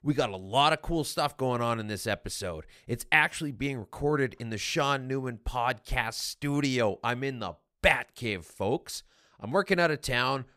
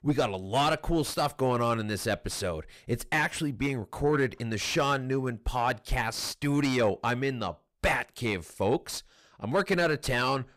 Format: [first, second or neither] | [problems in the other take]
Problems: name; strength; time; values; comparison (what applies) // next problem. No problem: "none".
first | distortion; heavy; 8 dB below the speech